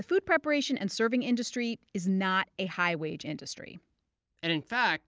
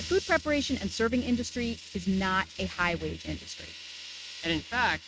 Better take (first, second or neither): first